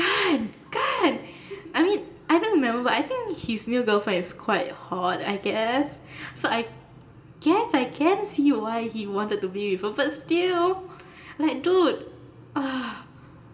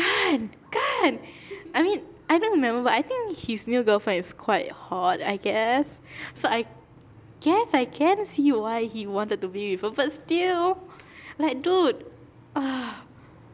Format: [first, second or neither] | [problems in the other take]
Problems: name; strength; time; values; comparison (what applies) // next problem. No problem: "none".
second | room echo; dies away in 1.4 s